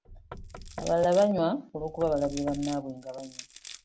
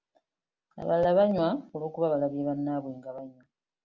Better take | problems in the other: second | background sound (Crushing + Knock / Wood); 15 dB below the speech

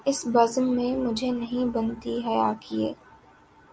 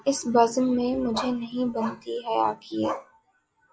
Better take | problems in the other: first | noise reduction (classical method log-MMSE)

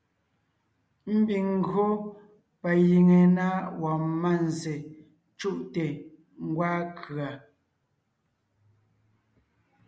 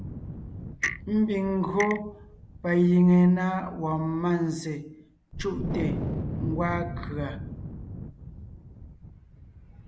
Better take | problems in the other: first | background sound (Wind + Clock); 8 dB below the speech

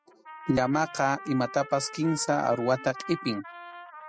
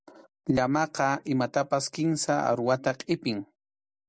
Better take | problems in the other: second | noise reduction (classical method spectral subtraction)

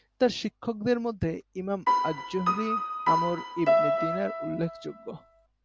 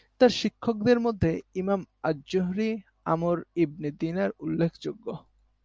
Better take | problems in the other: second | background sound (Piano); 3 dB above the speech

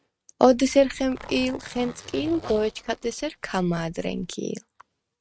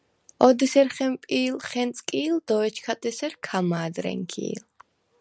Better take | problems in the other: second | noise reduction (neural mask model RNNoise)

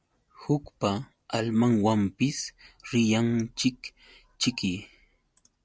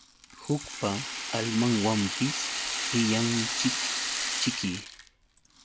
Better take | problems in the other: first | background sound (Rattle (instrument)); 3 dB below the speech

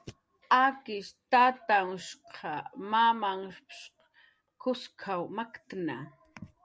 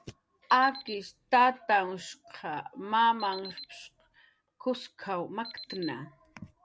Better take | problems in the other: first | background sound (Alarm); 16 dB below the speech

